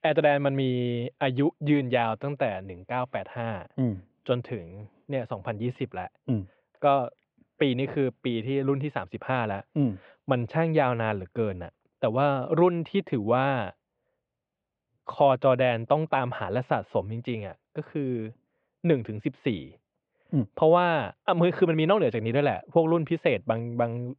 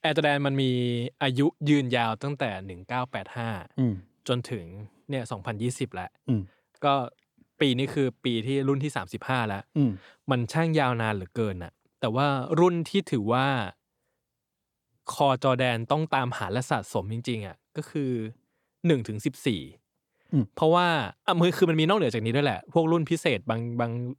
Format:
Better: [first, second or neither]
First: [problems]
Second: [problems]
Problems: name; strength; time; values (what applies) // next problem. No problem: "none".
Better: second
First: muffled; very; fading above 3 kHz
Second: none